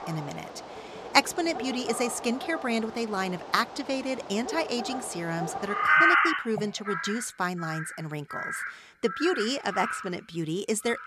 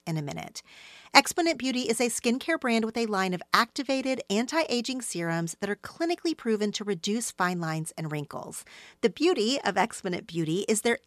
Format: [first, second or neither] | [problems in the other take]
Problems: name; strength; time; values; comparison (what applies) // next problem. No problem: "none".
second | animal sounds; very loud; throughout; 1 dB above the speech